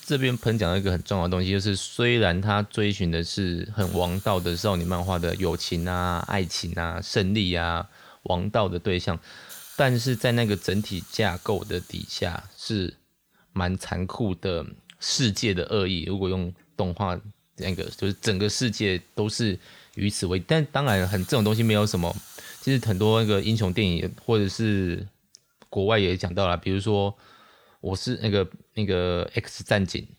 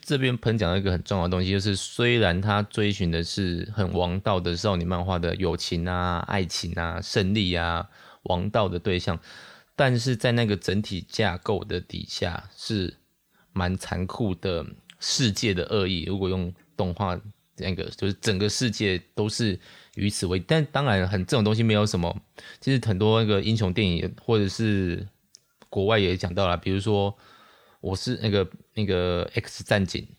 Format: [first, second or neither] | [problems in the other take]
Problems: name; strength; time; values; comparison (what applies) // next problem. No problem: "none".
second | hiss; noticeable; until 13 s and from 18 to 25 s; 20 dB below the speech